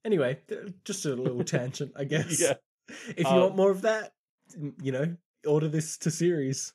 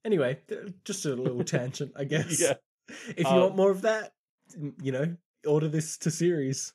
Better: neither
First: none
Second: none

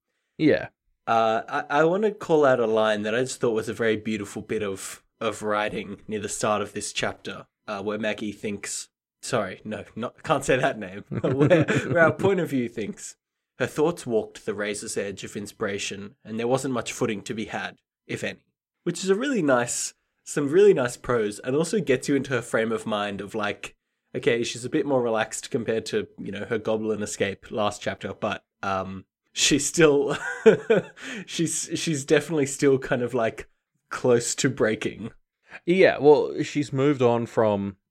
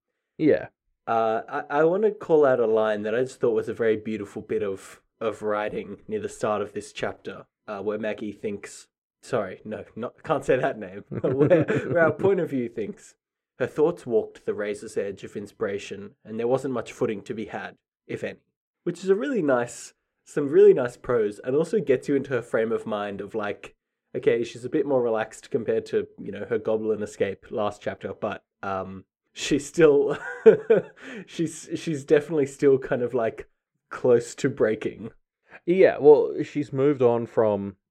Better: first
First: none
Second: muffled; slightly; fading above 2.5 kHz

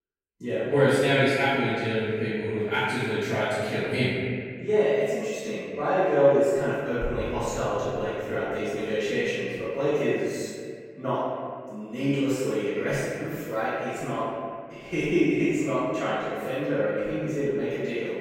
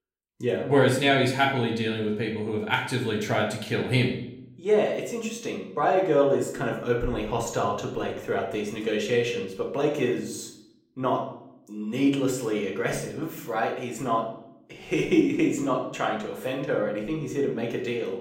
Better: second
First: room echo; strong; dies away in 1.9 s // off-mic speech; far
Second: room echo; slight; dies away in 0.6 s // off-mic speech; somewhat distant

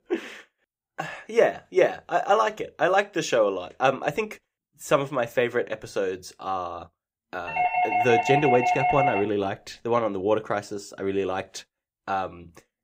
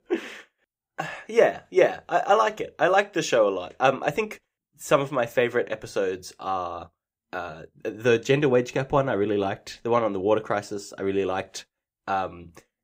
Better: second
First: doorbell; loud; from 7.5 to 9 s; peak 3 dB above the speech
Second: none

